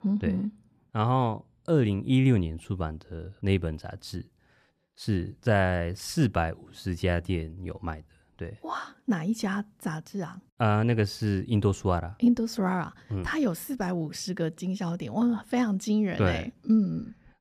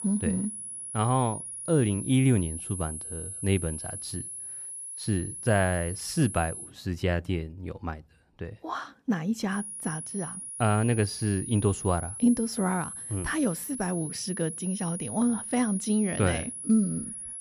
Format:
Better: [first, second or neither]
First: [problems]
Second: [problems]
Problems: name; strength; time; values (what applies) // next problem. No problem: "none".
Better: first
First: none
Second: high-pitched whine; loud; until 6.5 s and from 9.5 s on; 10.5 kHz, 7 dB below the speech